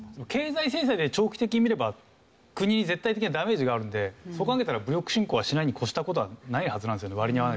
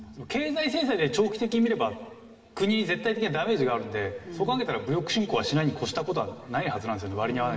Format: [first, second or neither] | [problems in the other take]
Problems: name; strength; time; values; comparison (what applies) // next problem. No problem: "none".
first | room echo; dies away in 1.9 s